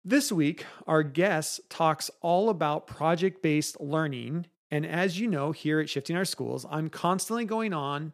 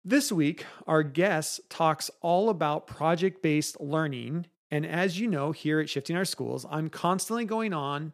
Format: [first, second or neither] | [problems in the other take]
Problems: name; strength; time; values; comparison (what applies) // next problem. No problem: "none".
neither | none